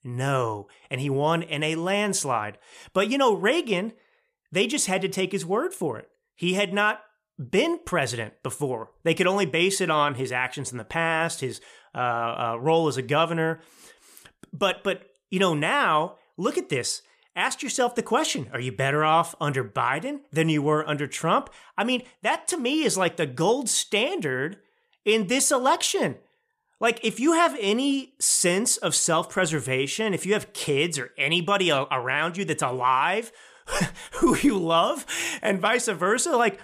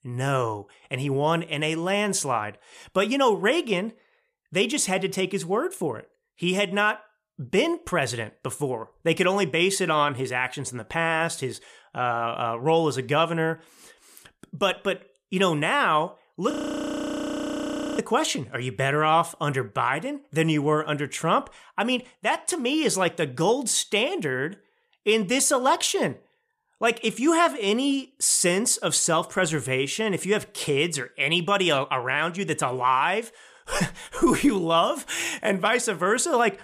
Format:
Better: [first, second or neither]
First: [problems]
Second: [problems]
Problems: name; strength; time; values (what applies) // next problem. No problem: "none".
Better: first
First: none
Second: audio freezing; at 17 s for 1.5 s